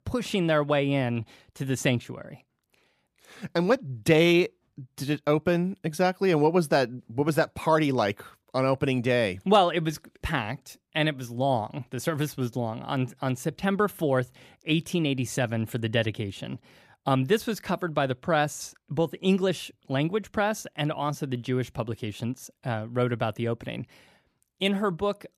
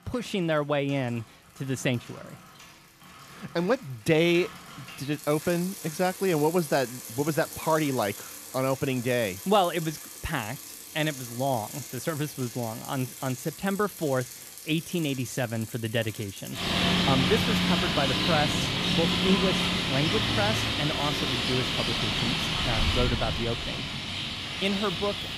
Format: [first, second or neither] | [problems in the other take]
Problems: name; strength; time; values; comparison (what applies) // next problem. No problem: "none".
first | traffic noise; very loud; throughout; as loud as the speech